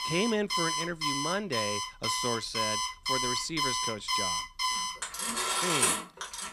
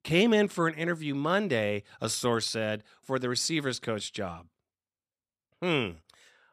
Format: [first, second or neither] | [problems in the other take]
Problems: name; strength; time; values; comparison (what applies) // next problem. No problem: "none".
second | alarms or sirens; very loud; throughout; 4 dB above the speech